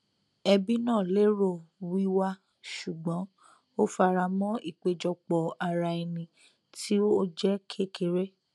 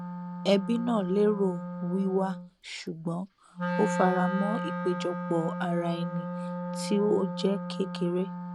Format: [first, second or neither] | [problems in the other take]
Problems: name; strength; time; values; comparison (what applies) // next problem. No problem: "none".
first | background sound (Wind instrument, woodwind instrument); 5 dB below the speech